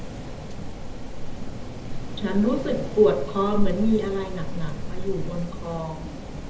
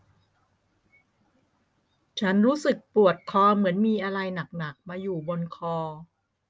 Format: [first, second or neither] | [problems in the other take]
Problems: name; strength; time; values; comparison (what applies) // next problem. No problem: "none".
second | background sound (Rain); 1 dB below the speech // room echo; dies away in 0.8 s